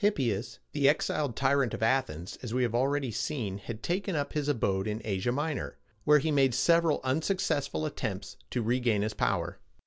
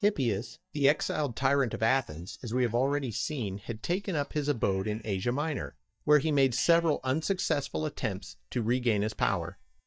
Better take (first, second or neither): first